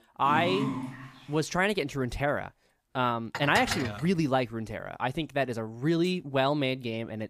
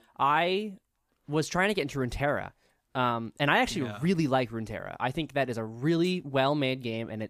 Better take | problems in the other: second | dog barking; noticeable; at 0.5 s; peak 2 dB below the speech // clattering dishes; noticeable; at 3.5 s; peak 3 dB below the speech

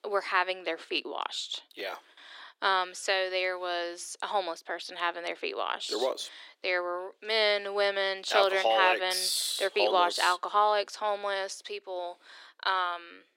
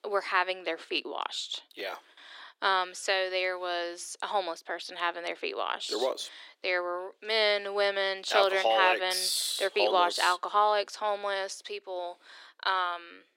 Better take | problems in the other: neither | thin; very; fading below 350 Hz; the same in both

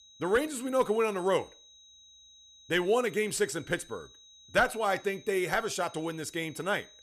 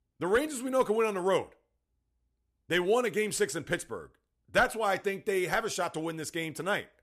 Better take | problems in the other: second | high-pitched whine; faint; throughout; 4 kHz, 25 dB below the speech

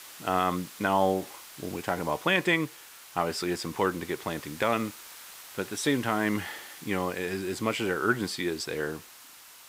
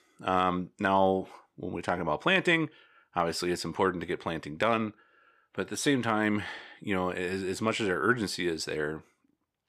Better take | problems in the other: second | hiss; noticeable; throughout; 15 dB below the speech

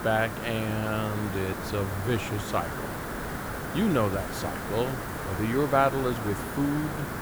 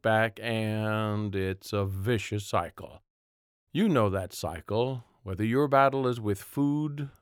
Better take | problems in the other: second | hiss; loud; throughout; 5 dB below the speech

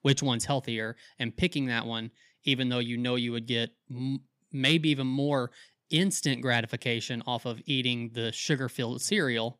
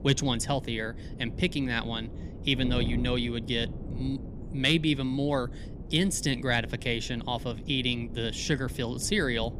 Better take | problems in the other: first | wind noise on the microphone; occasional gusts; 15 dB below the speech

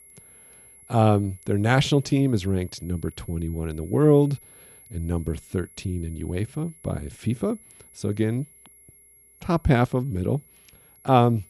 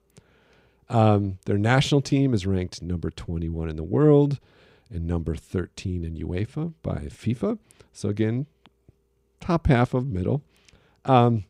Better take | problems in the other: second | high-pitched whine; faint; throughout; 11 kHz, 25 dB below the speech

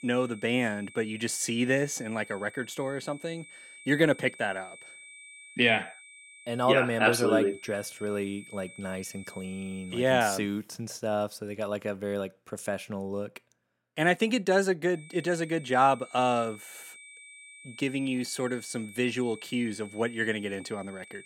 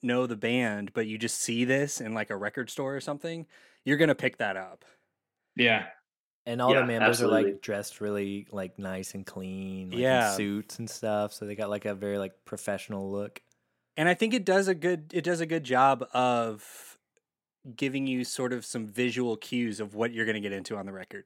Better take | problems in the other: second | high-pitched whine; noticeable; until 10 s and from 15 s on; 2.5 kHz, 20 dB below the speech

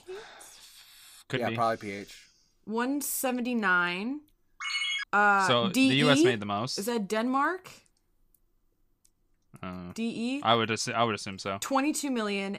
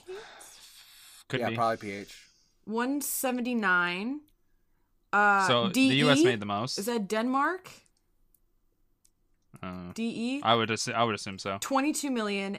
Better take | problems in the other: second | phone ringing; noticeable; at 4.5 s; peak 1 dB below the speech

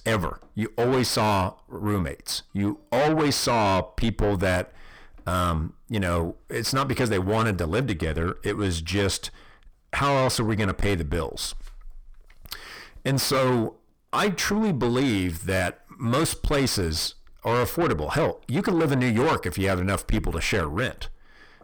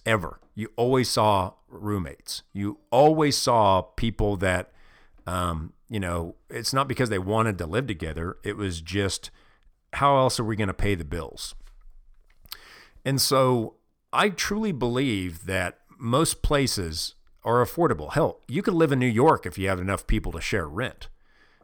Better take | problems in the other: second | distortion; heavy; 5 dB below the speech

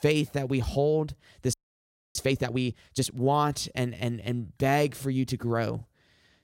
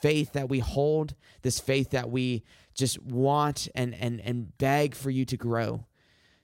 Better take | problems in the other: second | audio freezing; at 1.5 s for 0.5 s

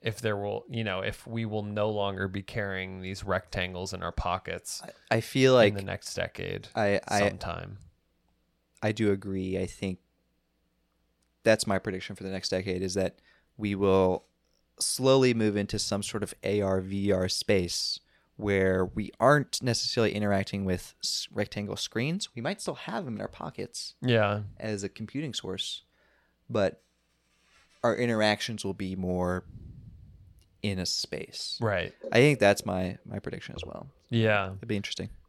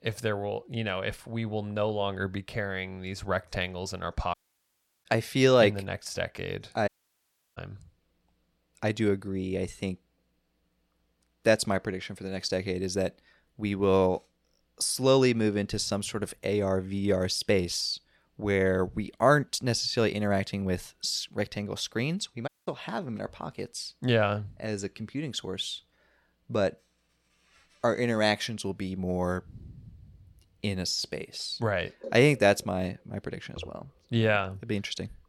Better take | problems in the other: first | audio cutting out; at 4.5 s for 0.5 s, at 7 s for 0.5 s and at 22 s

